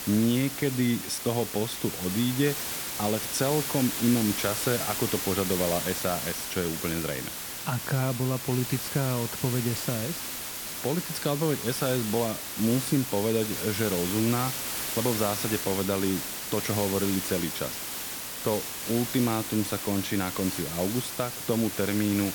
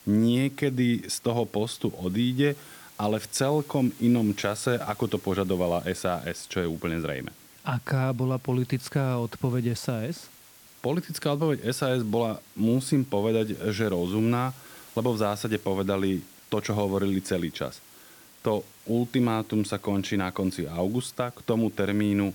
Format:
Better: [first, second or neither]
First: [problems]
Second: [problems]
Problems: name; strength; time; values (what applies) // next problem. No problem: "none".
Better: second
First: hiss; loud; throughout; 3 dB below the speech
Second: hiss; faint; throughout; 20 dB below the speech